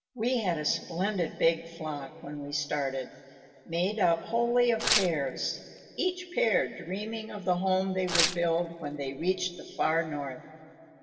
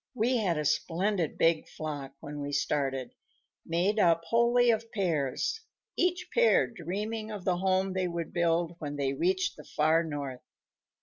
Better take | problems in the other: second | background sound (Tearing); 3 dB below the speech // room echo; dies away in 2.4 s

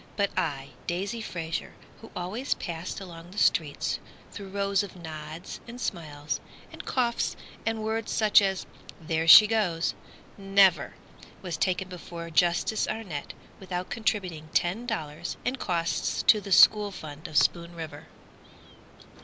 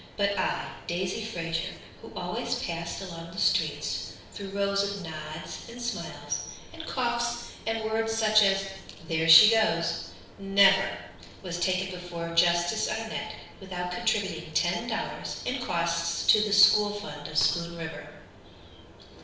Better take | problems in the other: first | room echo; dies away in 0.8 s

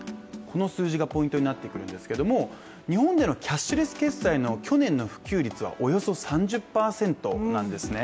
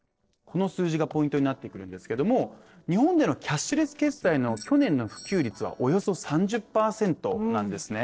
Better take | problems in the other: first | noise reduction (neural separator model SepFormer DNS4)

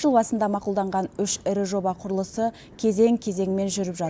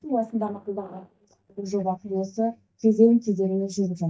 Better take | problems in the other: first | noise reduction (neural mask model DeepFilterNet 3)

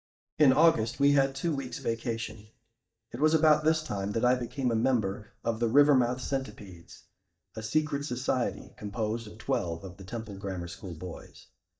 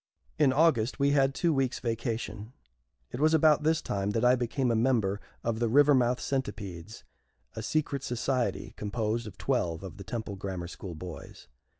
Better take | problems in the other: second | noise reduction (neural mask model DeepFilterNet 3)

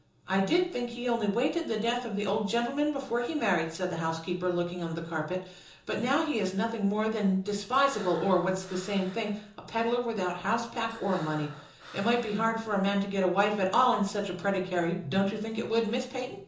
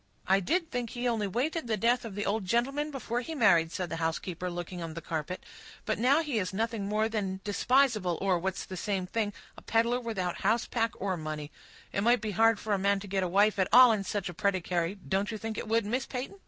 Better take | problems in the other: second | background sound (Breathing); 18 dB below the speech // room echo; dies away in 0.6 s

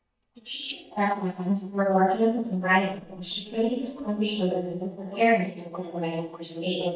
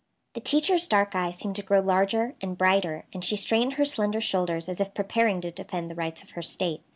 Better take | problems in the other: second | noise reduction (neural mask model DeepFilterNet 3)

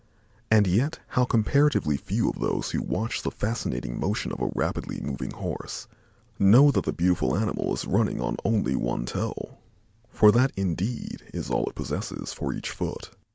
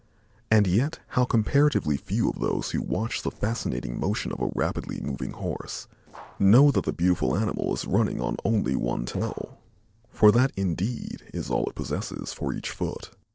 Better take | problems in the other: first | noise reduction (neural separator model SepFormer DNS4)

